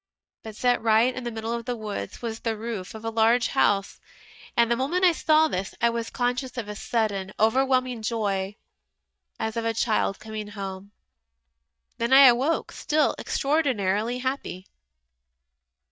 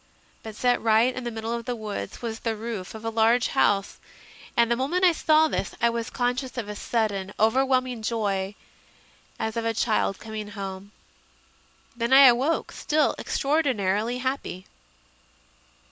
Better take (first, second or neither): second